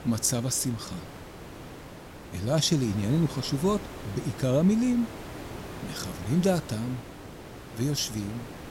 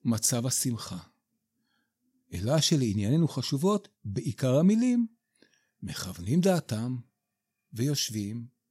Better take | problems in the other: second | hiss; noticeable; throughout; 15 dB below the speech

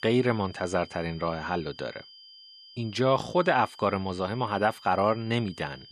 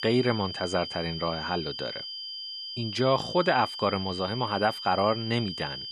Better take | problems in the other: first | high-pitched whine; loud; throughout; 5 kHz, 7 dB below the speech; faint in the first

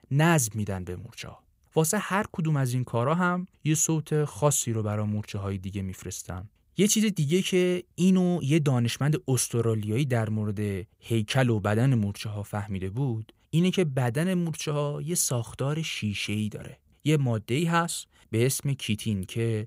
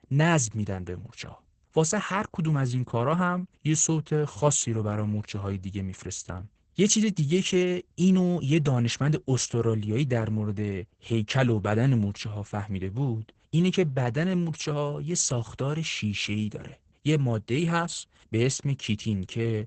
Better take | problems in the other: first | garbled, watery; badly; nothing above 8 kHz

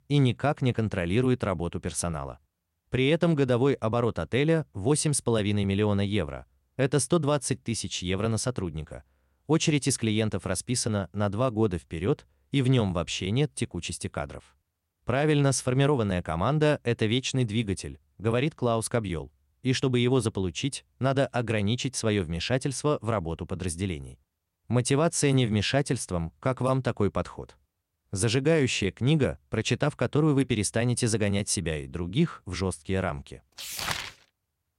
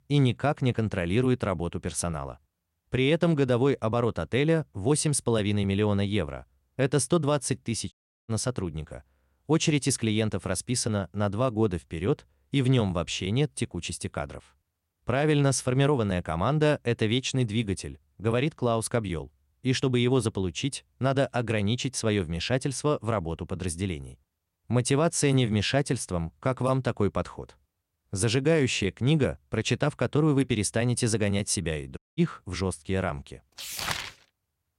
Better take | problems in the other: first | audio cutting out; at 8 s and at 32 s

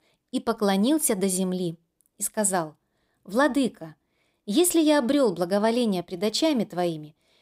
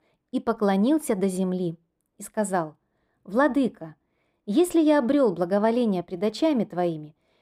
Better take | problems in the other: first | muffled; slightly; fading above 3 kHz

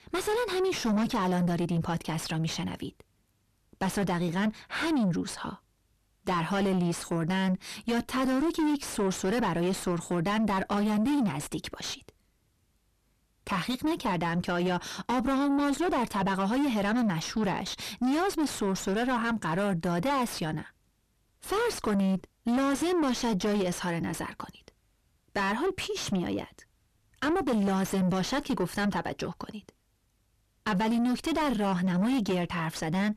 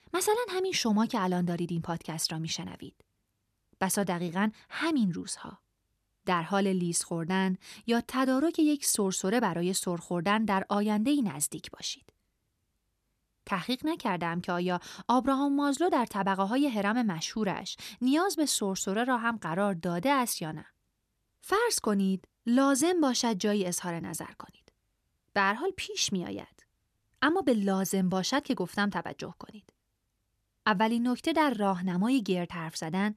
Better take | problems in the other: second | distortion; heavy; 5 dB below the speech

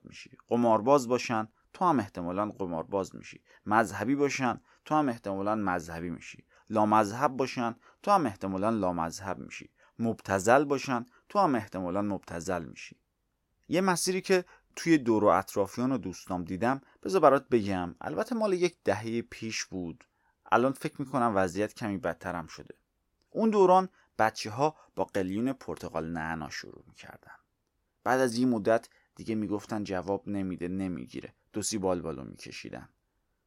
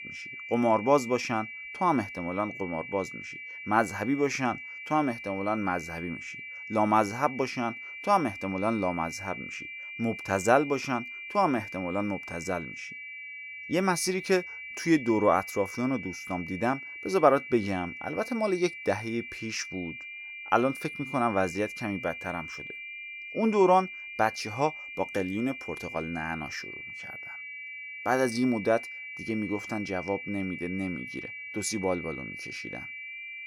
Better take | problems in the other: first | high-pitched whine; loud; throughout; 2.5 kHz, 9 dB below the speech

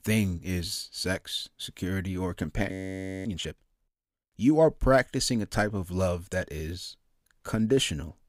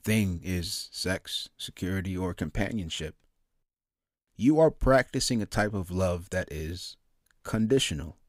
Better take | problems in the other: second | audio freezing; at 2.5 s for 0.5 s

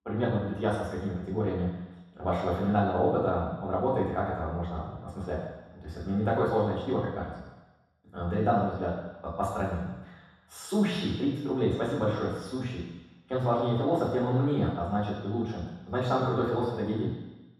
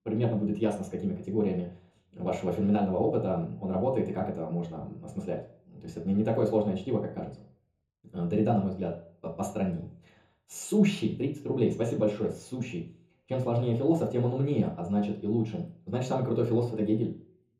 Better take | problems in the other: second | room echo; strong; dies away in 1.2 s; slight in the second // off-mic speech; far; far in the second

